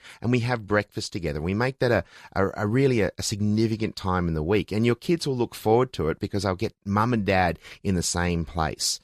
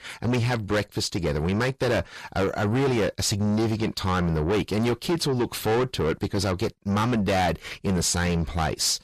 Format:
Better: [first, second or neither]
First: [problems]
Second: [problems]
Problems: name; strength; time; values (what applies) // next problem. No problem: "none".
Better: first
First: none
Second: distortion; heavy; 7 dB below the speech